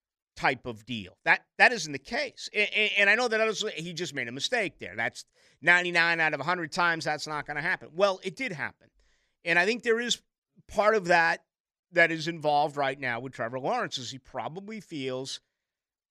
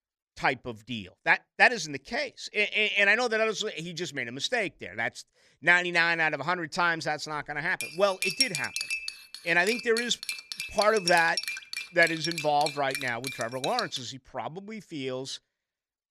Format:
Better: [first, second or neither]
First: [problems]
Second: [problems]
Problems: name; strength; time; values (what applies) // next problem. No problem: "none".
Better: first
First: none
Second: clattering dishes; loud; from 8 to 14 s; peak 1 dB above the speech